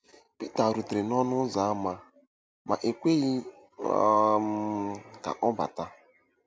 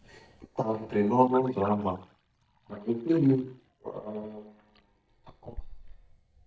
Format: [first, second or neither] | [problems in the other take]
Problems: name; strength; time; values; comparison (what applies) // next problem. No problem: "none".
first | noise reduction (neural mask model DeepFilterNet 3)